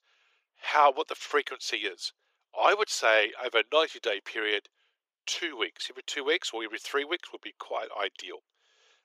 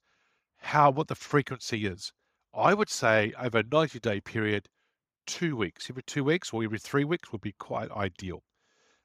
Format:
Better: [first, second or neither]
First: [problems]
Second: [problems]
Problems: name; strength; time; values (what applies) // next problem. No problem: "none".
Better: second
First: thin; very; fading below 400 Hz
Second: none